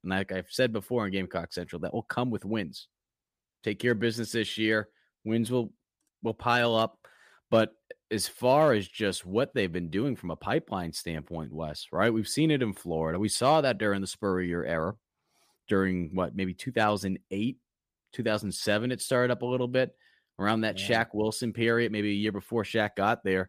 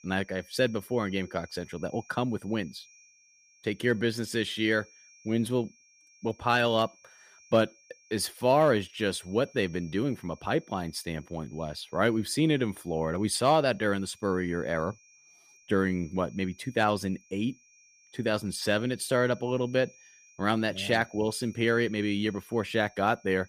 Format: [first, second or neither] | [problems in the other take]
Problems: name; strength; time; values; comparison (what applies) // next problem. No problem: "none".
first | high-pitched whine; faint; throughout; 5.5 kHz, 25 dB below the speech